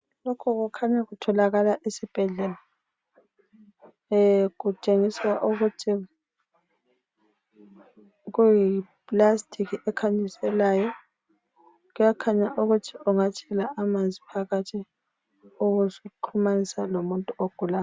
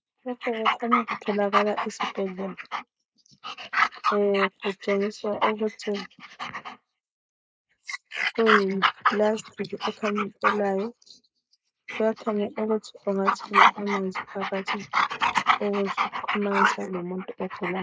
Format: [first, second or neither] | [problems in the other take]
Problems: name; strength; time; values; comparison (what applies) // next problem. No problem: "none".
first | noise reduction (neural mask model Resemble Enhance denoiser)